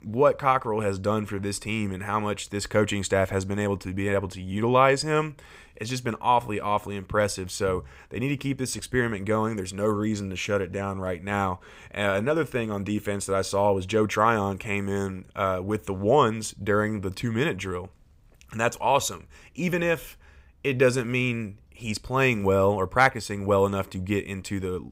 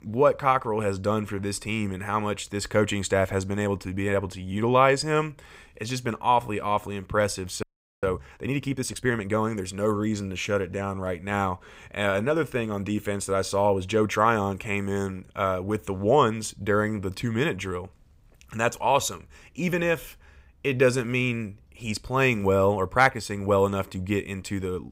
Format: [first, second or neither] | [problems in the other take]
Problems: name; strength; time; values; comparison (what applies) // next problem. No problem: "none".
first | audio freezing; at 7.5 s